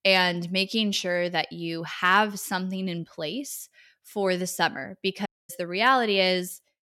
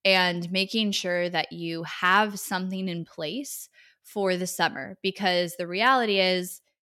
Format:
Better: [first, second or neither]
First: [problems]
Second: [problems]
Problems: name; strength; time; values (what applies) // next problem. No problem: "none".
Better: second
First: audio cutting out; at 5.5 s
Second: none